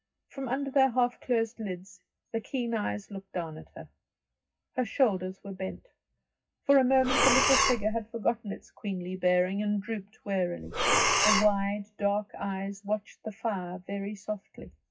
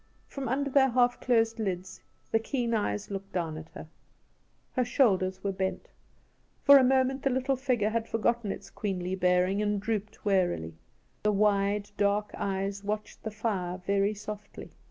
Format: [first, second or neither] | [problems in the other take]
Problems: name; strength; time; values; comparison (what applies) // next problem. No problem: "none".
second | noise reduction (classical method WPE with log-MMSE)